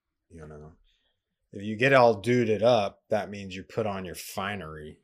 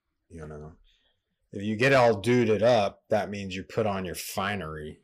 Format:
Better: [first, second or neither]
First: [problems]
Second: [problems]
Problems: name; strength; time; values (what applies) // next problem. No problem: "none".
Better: first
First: none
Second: distortion; slight; 10 dB below the speech